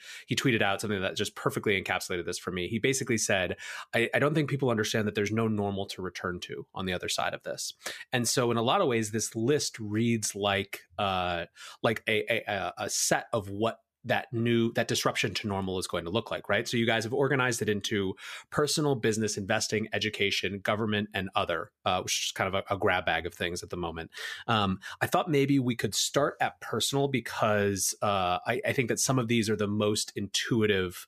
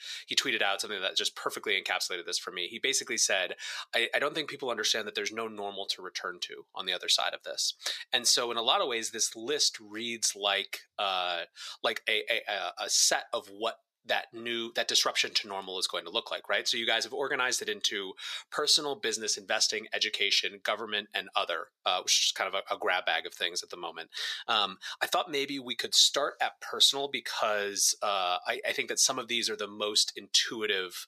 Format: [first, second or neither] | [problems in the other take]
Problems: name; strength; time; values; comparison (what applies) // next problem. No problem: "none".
first | thin; somewhat; fading below 500 Hz